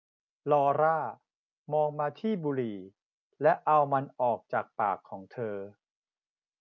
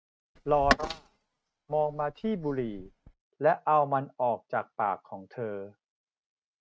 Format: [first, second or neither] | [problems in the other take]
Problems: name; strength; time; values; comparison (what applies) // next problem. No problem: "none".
first | noise reduction (neural mask model RNNoise)